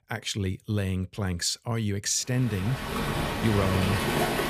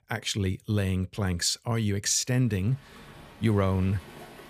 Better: second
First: rain or running water; loud; from 2.5 s on; as loud as the speech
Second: rain or running water; faint; from 2.5 s on; 20 dB below the speech

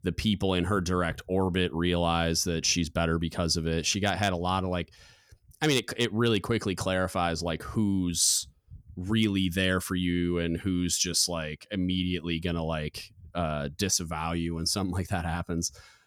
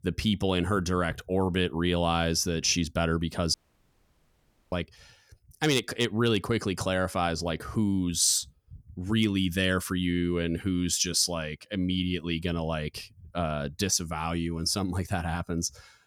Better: first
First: none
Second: audio cutting out; at 3.5 s for 1 s

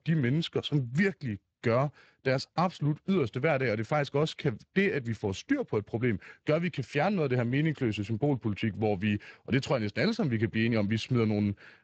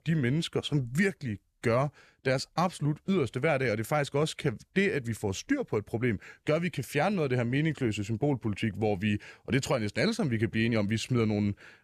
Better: second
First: garbled, watery; slightly; nothing above 7.5 kHz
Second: none

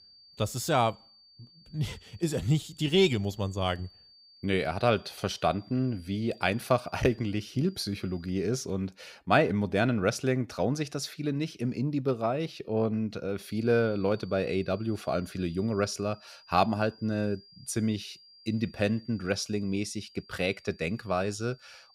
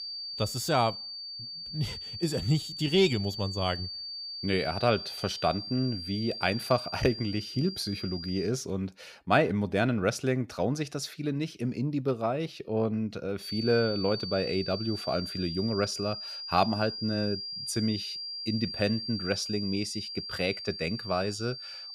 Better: first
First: high-pitched whine; faint; until 8.5 s and from 13 s on; 4.5 kHz, 25 dB below the speech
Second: high-pitched whine; loud; until 8.5 s and from 13 s on; 4.5 kHz, 6 dB below the speech

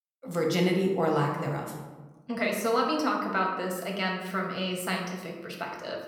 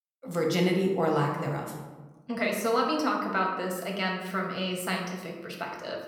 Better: neither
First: room echo; noticeable; dies away in 1 s // off-mic speech; somewhat distant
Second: room echo; noticeable; dies away in 1 s // off-mic speech; somewhat distant

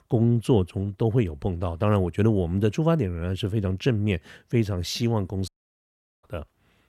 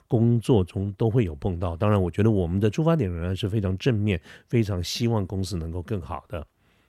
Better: second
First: audio cutting out; at 5.5 s for 1 s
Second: none

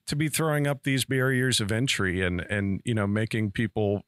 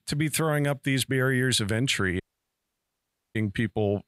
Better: first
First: none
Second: audio cutting out; at 2 s for 1 s

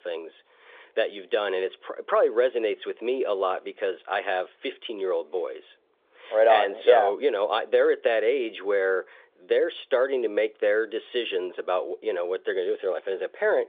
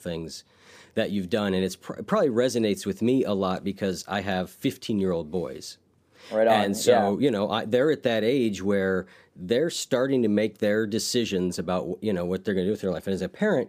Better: second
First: phone-call audio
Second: none

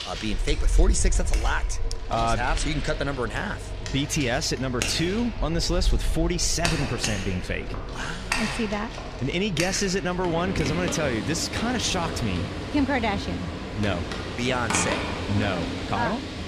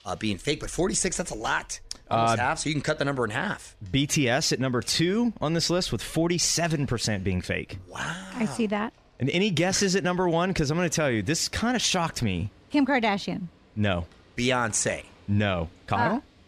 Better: second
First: household noises; loud; throughout; 3 dB below the speech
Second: household noises; faint; throughout; 30 dB below the speech

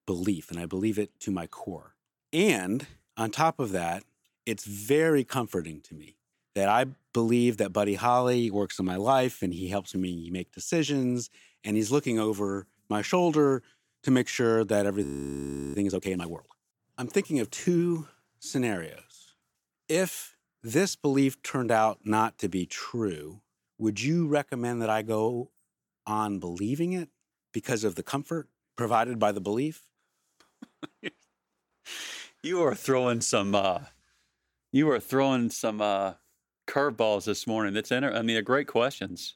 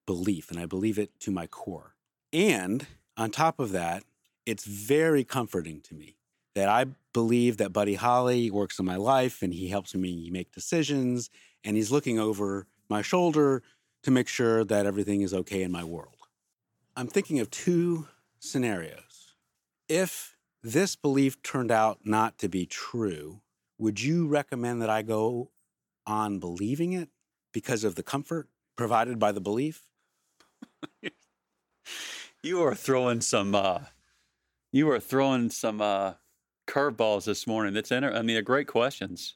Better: second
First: audio freezing; at 15 s for 0.5 s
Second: none

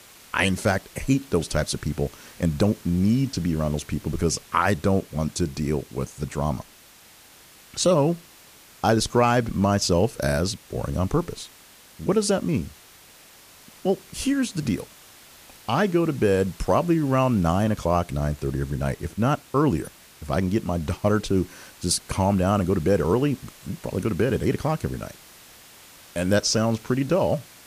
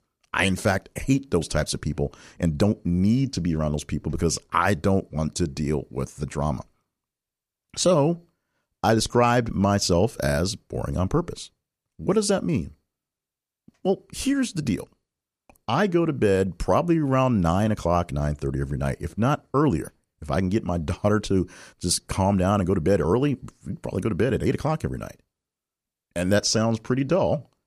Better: second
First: hiss; faint; throughout; 25 dB below the speech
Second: none

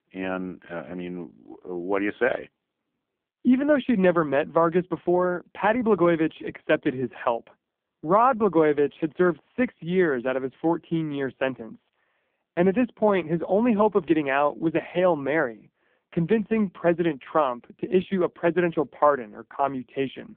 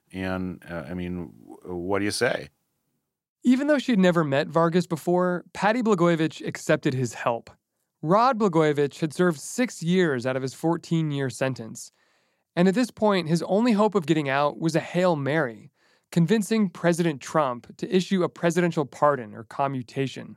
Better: second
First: phone-call audio; poor line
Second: none

